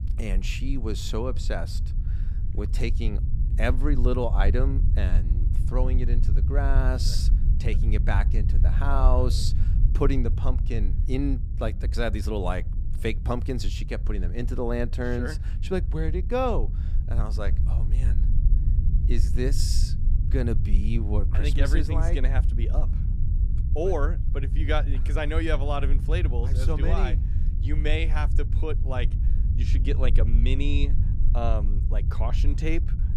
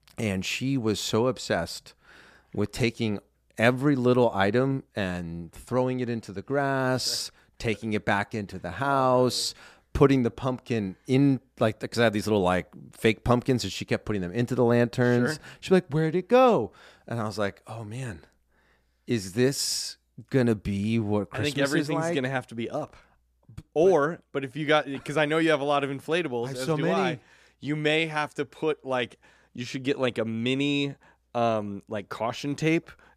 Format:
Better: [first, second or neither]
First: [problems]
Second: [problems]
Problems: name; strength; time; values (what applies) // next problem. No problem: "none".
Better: second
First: low rumble; noticeable; throughout; 10 dB below the speech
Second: none